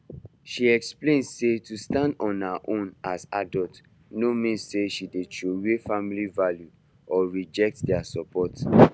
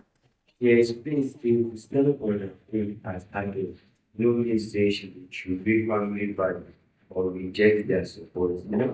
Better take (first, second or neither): first